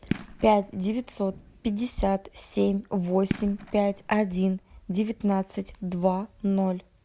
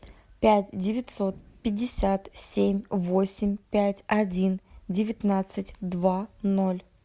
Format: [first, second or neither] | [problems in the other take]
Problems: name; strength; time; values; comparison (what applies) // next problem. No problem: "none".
second | background sound (Fireworks); 11 dB below the speech